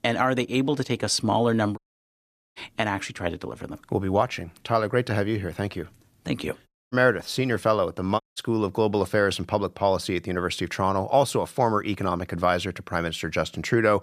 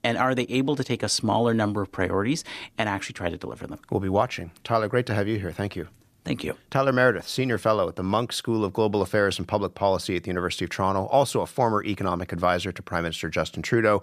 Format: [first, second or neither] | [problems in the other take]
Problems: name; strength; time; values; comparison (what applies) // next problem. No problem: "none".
second | audio cutting out; at 2 s for 1 s, at 6.5 s and at 8 s